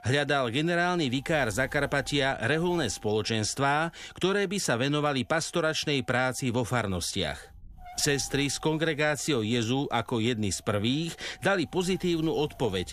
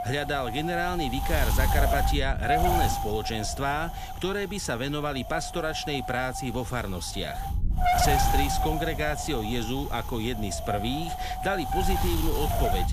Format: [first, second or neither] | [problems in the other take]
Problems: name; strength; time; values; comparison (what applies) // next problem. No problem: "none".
first | wind noise on the microphone; heavy; 1 dB above the speech; occasional gusts in the first